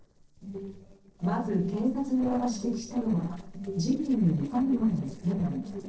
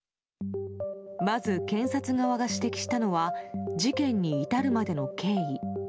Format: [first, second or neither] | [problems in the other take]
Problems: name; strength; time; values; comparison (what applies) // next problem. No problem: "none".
second | noise reduction (neural separator model SepFormer DNS4)